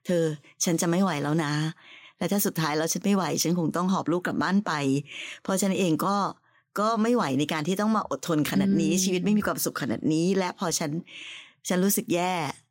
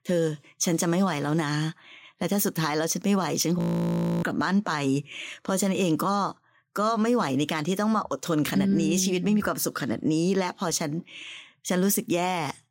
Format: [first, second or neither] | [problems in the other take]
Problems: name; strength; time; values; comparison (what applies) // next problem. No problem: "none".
first | audio freezing; at 3.5 s for 0.5 s